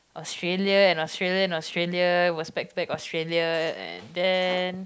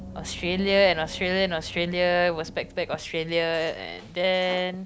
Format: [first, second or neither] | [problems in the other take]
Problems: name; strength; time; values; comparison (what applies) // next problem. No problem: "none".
first | background sound (Gong); 18 dB below the speech